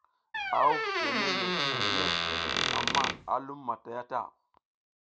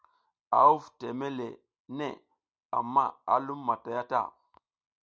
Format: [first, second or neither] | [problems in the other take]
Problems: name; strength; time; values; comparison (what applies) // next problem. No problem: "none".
second | background sound (Squeak); 4 dB above the speech